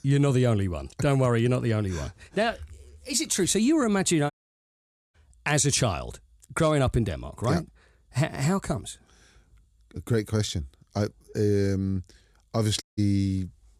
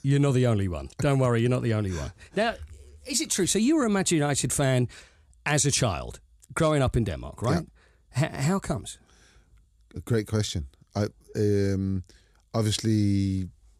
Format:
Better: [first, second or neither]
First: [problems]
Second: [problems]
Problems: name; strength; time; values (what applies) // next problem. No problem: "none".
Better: second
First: audio cutting out; at 4.5 s for 1 s and at 13 s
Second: none